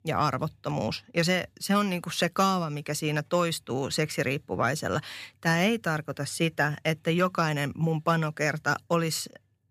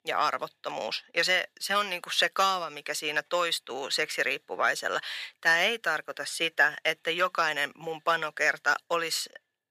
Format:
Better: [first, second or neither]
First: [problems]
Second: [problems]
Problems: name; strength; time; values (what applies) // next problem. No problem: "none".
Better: first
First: none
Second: thin; very; fading below 550 Hz